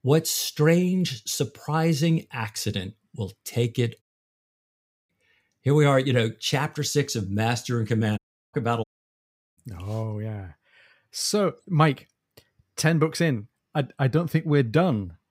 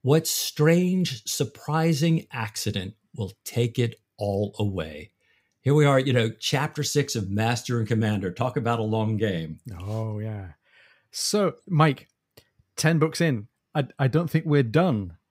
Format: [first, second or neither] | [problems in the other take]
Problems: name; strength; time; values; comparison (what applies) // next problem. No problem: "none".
second | audio cutting out; at 4 s for 1 s, at 8 s and at 9 s for 0.5 s